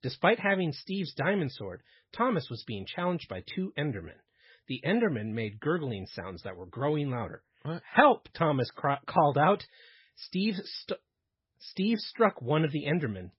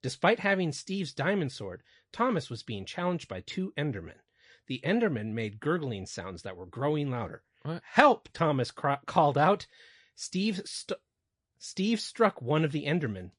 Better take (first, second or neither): second